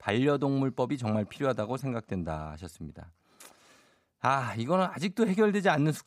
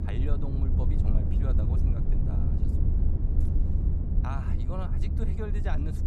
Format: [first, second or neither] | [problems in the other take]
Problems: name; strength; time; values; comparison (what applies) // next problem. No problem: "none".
first | low rumble; loud; throughout; as loud as the speech